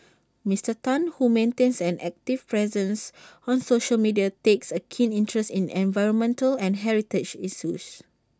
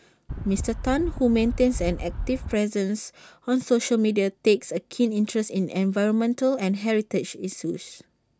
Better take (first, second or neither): first